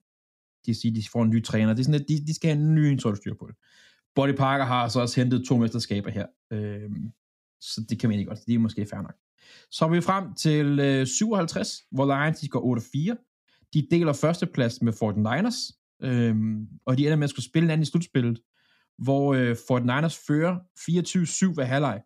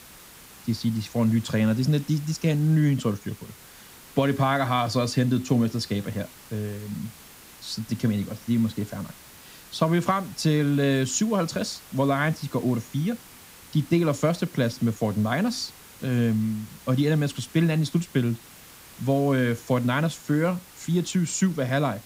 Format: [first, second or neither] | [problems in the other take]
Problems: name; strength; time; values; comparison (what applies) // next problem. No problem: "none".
first | hiss; faint; throughout; 20 dB below the speech